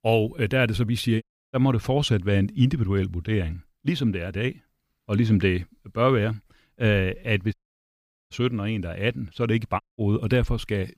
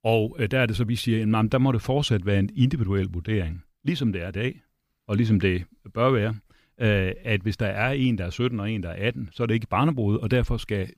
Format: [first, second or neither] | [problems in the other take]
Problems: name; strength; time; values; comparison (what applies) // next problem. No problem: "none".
second | audio cutting out; at 1 s, at 7.5 s for 1 s and at 10 s